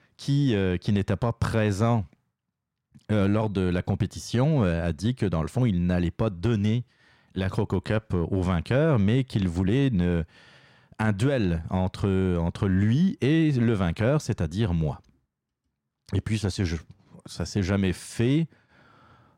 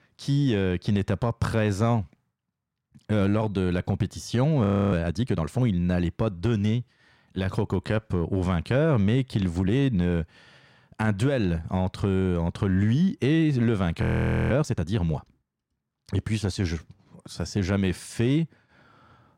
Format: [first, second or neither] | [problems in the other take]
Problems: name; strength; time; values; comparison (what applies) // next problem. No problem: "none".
first | audio freezing; at 4.5 s and at 14 s